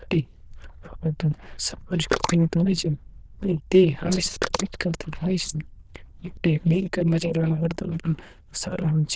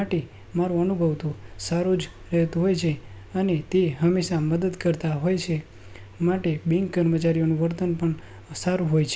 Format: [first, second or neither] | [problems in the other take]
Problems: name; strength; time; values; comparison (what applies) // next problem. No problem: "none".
second | noise reduction (neural diffusion model UNIVERSE++)